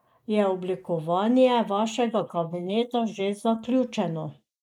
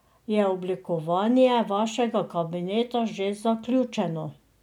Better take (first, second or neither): second